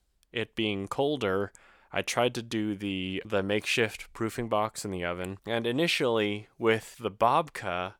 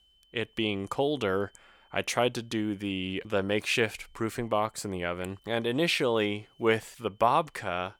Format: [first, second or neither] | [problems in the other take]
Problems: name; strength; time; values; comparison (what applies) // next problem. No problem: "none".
first | high-pitched whine; faint; throughout; 3 kHz, 35 dB below the speech